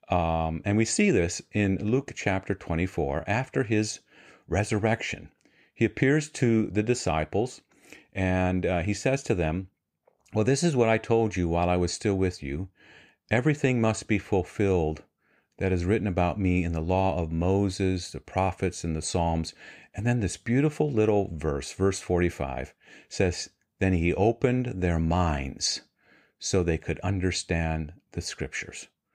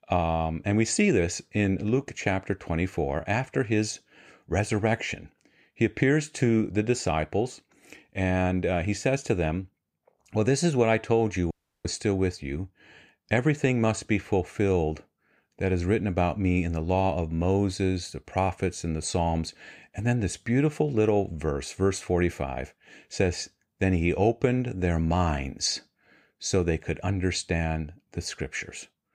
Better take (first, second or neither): first